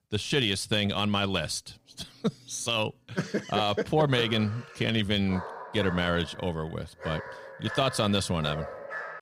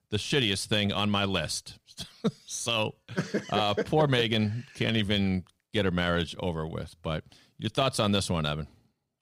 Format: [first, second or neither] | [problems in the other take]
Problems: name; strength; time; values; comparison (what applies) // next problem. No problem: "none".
second | dog barking; noticeable; from 4 s on; peak 9 dB below the speech